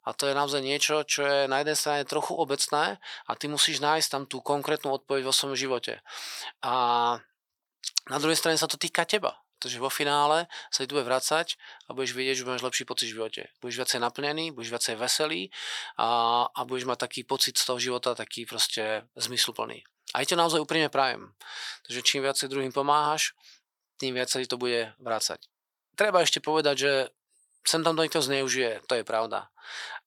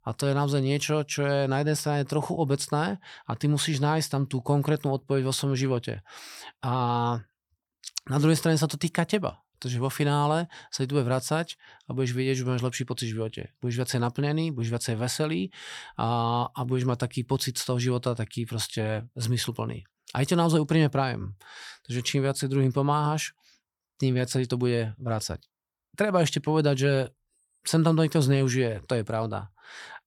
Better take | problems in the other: second | thin; very; fading below 500 Hz

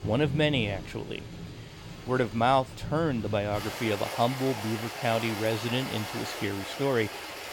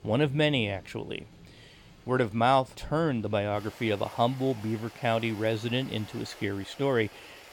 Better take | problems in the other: second | rain or running water; loud; throughout; 8 dB below the speech; faint in the second

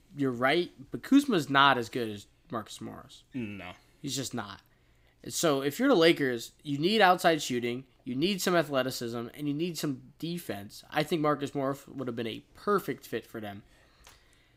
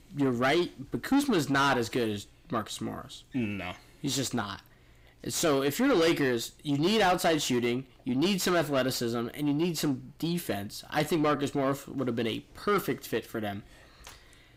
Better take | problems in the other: first | distortion; heavy; 6 dB below the speech

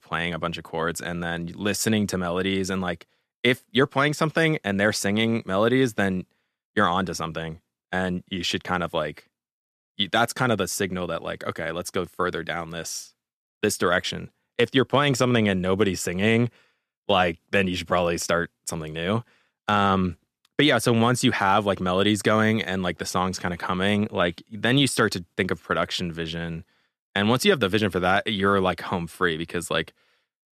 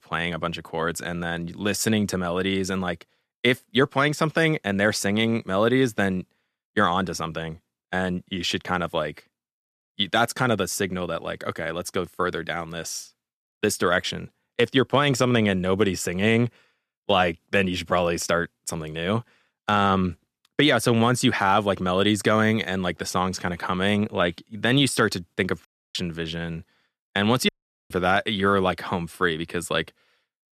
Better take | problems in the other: first | audio cutting out; at 26 s and at 27 s

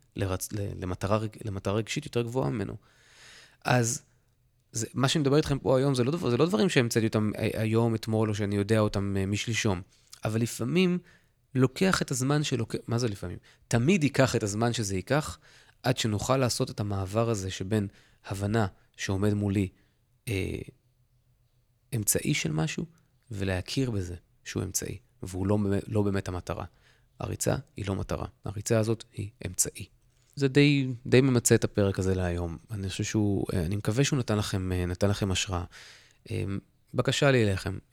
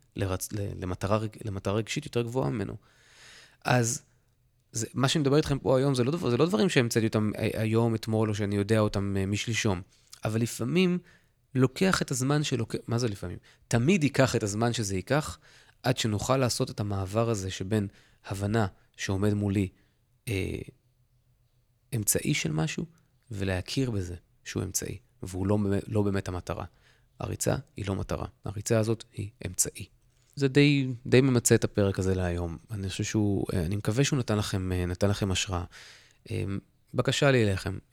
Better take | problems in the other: neither | none

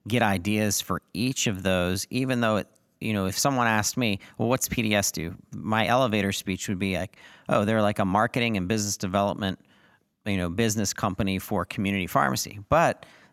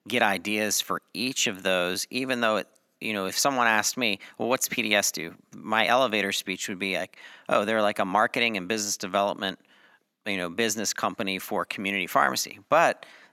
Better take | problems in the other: first | thin; somewhat; fading below 300 Hz

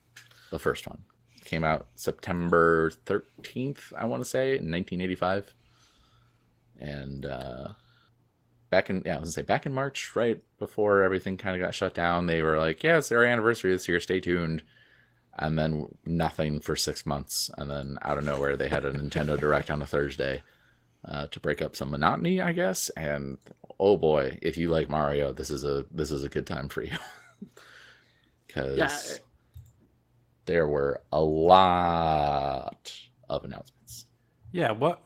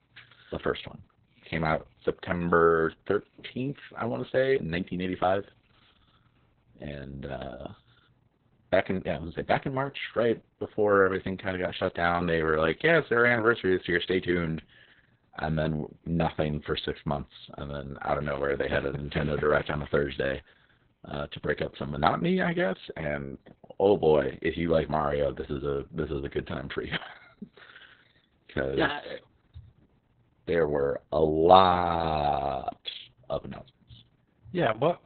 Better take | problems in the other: first | garbled, watery; badly; nothing above 4 kHz; slightly in the first

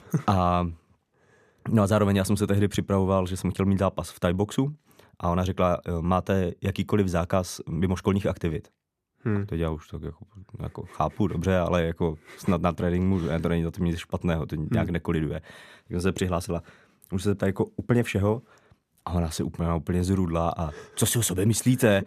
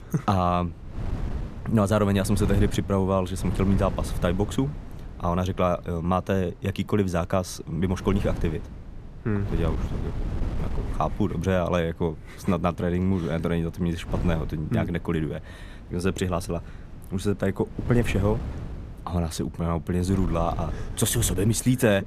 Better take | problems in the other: first | wind noise on the microphone; occasional gusts; 15 dB below the speech

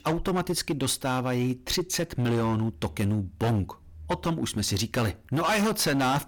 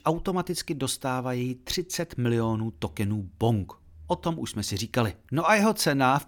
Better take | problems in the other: second | distortion; heavy; 16% of the sound clipped

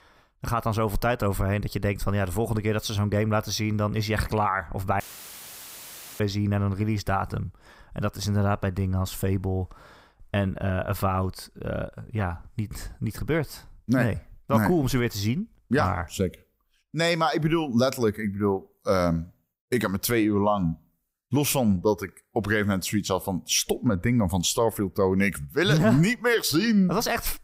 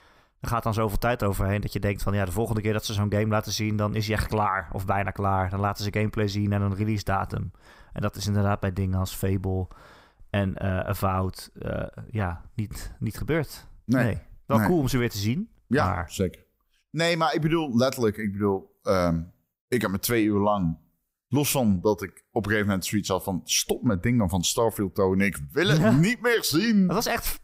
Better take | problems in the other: second | audio cutting out; filled with static; at 5 s for 1 s

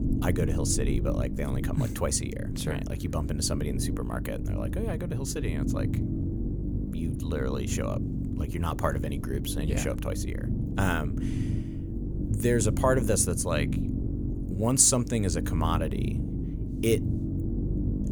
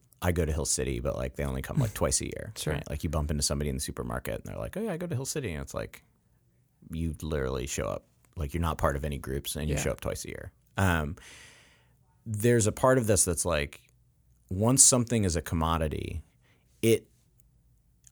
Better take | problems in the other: second | low rumble; loud; throughout; 9 dB below the speech

